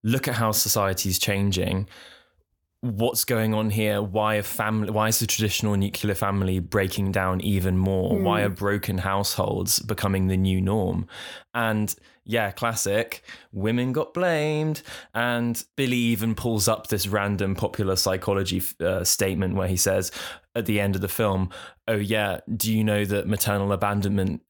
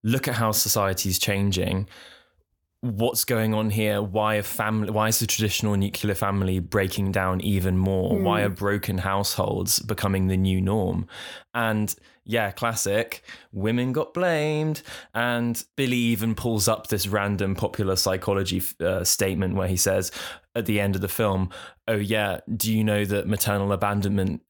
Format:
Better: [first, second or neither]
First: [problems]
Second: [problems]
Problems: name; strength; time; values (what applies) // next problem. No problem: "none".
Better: neither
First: none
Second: none